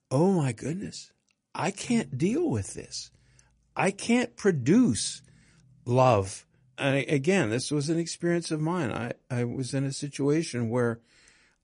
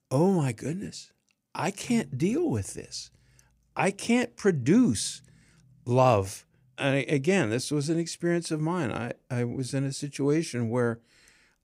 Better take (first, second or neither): second